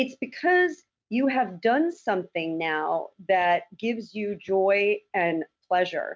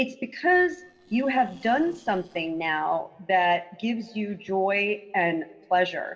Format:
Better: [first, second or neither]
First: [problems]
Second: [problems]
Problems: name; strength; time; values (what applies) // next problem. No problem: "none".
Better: first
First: none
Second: noise reduction (neural separator model SepFormer DNS4)